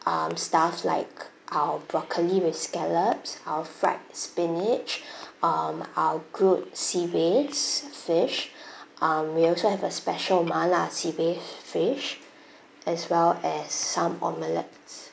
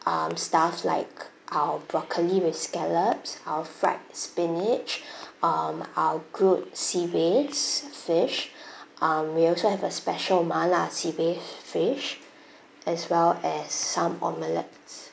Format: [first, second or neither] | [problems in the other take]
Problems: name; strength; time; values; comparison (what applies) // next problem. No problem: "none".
second | background sound (Tap / Glass); 18 dB below the speech